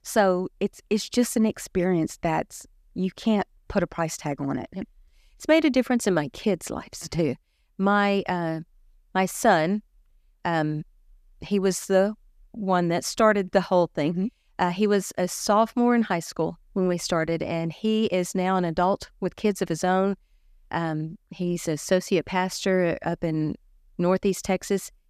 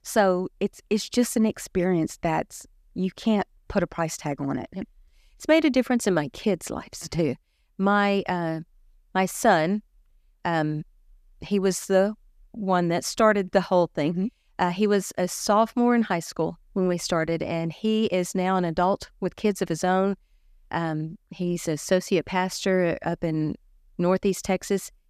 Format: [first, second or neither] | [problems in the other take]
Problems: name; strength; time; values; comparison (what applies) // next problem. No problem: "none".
neither | none